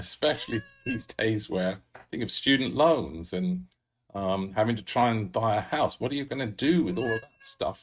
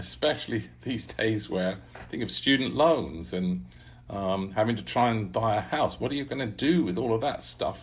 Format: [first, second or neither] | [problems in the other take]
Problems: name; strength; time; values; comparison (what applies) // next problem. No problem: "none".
second | noise reduction (neural mask model RNNoise)